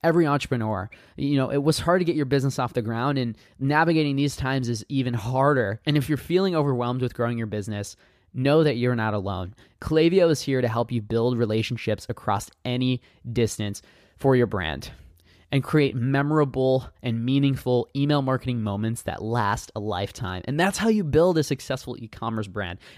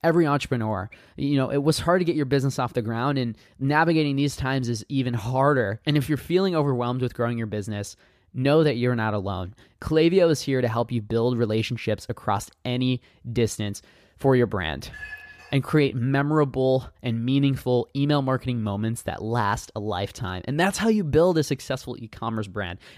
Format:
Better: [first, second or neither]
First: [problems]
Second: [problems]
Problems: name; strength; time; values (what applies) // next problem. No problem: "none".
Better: first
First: none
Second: clattering dishes; faint; at 15 s; peak 15 dB below the speech